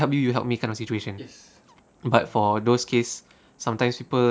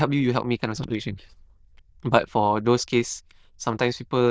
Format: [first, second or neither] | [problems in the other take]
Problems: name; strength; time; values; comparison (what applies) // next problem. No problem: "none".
first | noise reduction (neural diffusion model UNIVERSE++)